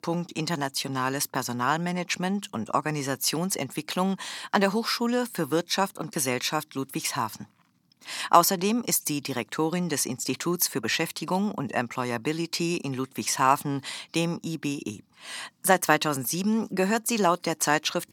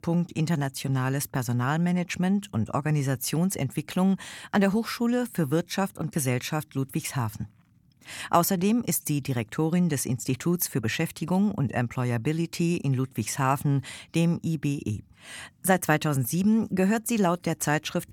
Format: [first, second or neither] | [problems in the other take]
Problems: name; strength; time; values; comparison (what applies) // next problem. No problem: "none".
second | thin; somewhat; fading below 250 Hz